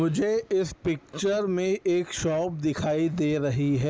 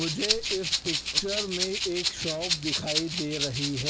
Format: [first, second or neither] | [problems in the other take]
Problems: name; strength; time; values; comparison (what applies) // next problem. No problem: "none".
first | background sound (Rattle (instrument)); 3 dB above the speech